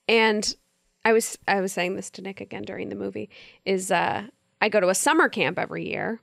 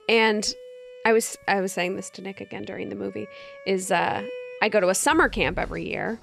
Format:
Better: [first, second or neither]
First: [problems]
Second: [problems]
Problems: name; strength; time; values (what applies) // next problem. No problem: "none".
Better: first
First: none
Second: background music; noticeable; throughout; 20 dB below the speech